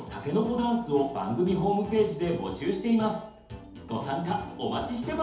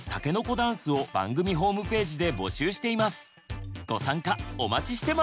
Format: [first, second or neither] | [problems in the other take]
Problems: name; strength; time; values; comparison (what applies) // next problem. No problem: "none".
second | room echo; dies away in 2.2 s